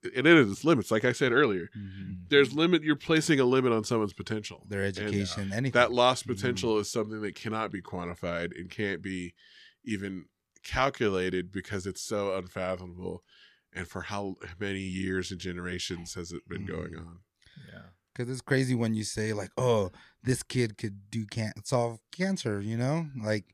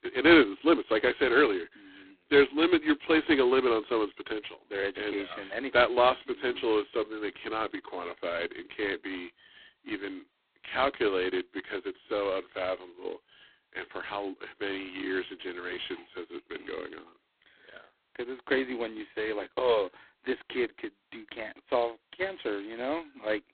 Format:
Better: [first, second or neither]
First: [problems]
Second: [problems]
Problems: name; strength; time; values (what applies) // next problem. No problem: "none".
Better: first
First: none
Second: phone-call audio; poor line; nothing above 4 kHz